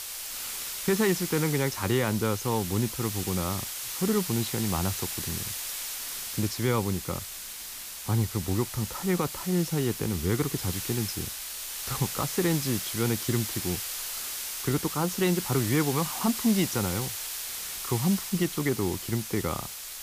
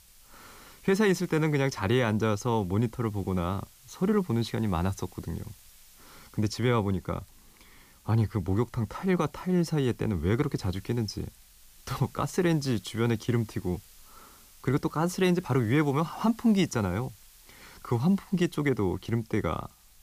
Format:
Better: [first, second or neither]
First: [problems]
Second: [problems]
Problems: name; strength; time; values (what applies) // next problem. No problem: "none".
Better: second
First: hiss; loud; throughout; 4 dB below the speech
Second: hiss; faint; throughout; 25 dB below the speech